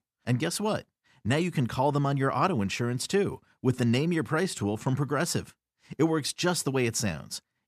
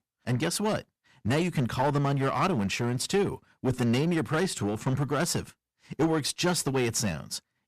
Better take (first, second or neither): first